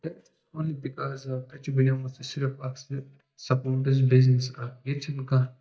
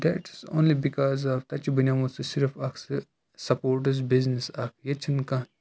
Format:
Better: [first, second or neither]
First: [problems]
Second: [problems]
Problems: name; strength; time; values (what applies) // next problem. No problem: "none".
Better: second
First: noise reduction (neural mask model DeepFilterNet 3)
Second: none